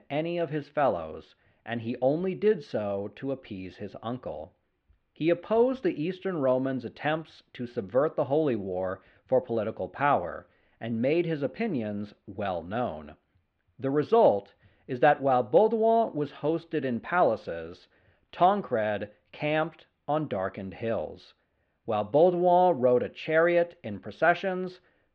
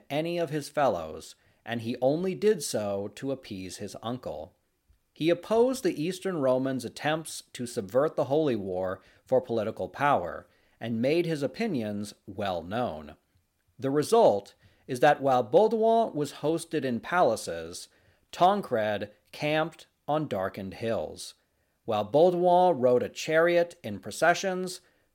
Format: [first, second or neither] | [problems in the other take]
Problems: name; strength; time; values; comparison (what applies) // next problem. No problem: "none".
second | muffled; very; fading above 3 kHz